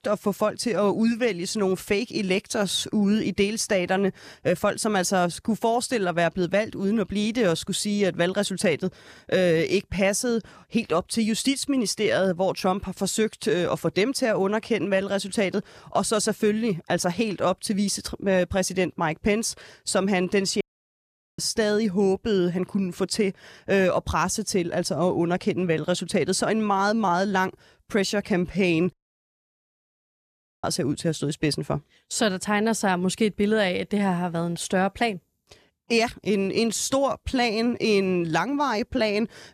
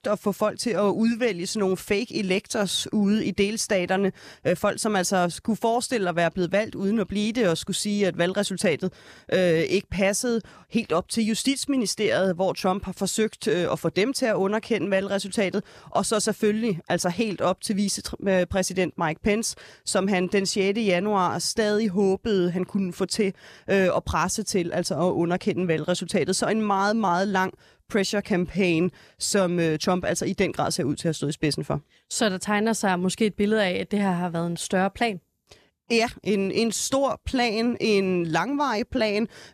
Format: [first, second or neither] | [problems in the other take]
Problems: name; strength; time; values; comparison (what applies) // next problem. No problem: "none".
second | audio cutting out; at 21 s for 1 s and at 29 s for 1.5 s